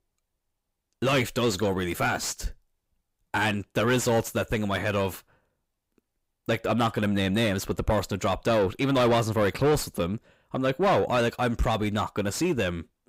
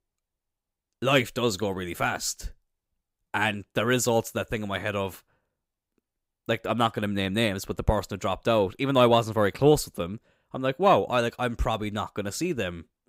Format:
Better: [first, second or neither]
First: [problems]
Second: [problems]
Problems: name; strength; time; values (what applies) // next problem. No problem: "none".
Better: second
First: distortion; heavy; 7 dB below the speech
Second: none